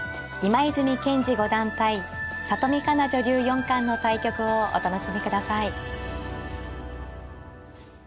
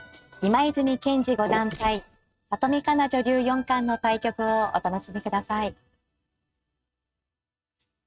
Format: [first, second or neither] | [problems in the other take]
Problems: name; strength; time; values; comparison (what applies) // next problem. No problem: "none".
first | noise reduction (neural mask model RNNoise)